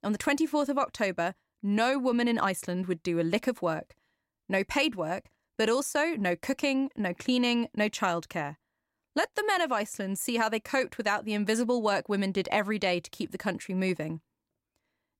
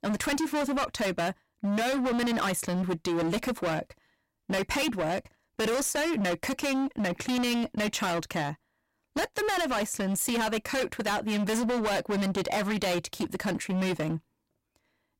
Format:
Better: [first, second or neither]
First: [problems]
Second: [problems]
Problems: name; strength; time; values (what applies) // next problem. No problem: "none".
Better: first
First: none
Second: distortion; heavy; 30% of the sound clipped